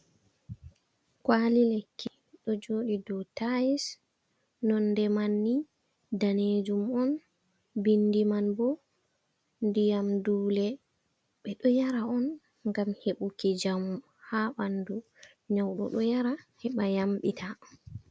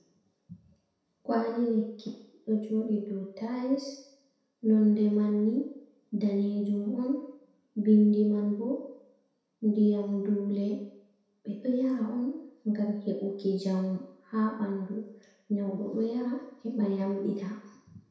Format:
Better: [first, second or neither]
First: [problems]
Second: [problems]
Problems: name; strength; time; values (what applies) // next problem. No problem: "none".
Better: first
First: none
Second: room echo; dies away in 0.7 s